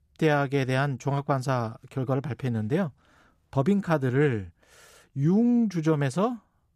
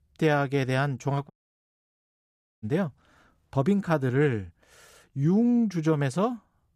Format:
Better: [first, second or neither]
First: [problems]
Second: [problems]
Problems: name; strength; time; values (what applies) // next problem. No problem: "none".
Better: first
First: none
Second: audio cutting out; at 1.5 s for 1.5 s